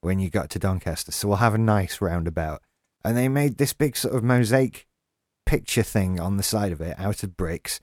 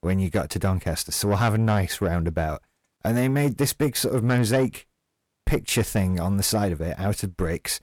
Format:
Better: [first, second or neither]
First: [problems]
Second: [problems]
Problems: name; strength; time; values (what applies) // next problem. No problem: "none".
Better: first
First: none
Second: distortion; slight; 10 dB below the speech